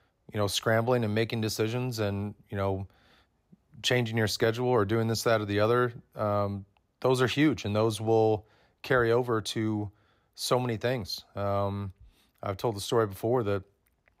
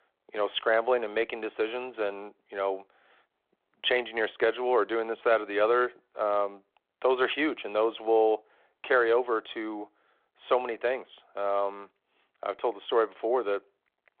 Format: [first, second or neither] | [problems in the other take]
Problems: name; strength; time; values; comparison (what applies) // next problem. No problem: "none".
first | phone-call audio